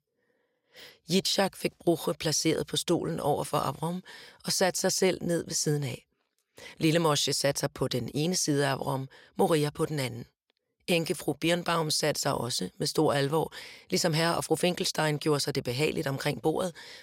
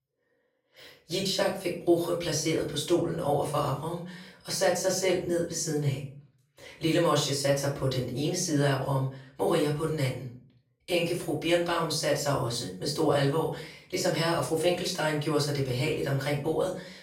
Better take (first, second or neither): first